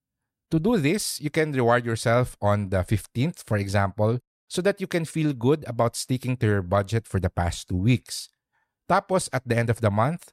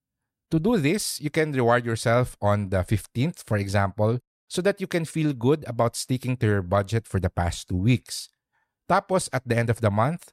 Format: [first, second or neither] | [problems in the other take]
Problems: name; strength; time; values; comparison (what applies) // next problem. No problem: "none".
neither | none